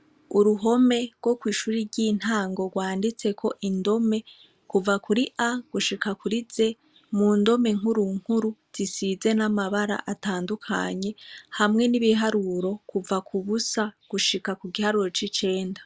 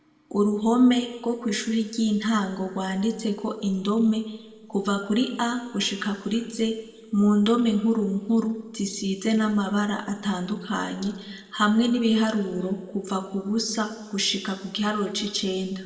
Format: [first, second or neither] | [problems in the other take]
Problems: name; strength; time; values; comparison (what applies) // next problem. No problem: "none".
first | room echo; dies away in 1.4 s